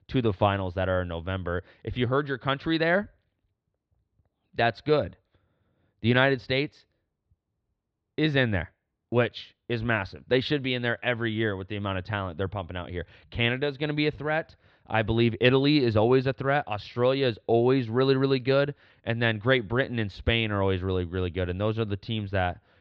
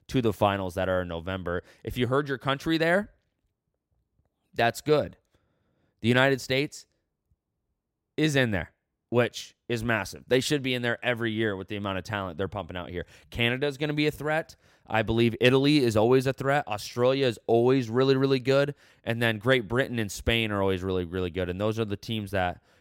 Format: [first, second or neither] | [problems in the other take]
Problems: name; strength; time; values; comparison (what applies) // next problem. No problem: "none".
second | muffled; very slightly; fading above 4 kHz